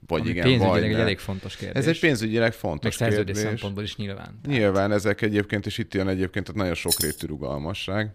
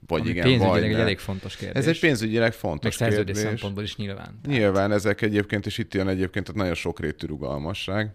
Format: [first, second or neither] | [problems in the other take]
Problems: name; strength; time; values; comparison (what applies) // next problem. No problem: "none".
second | jangling keys; loud; at 7 s; peak 1 dB above the speech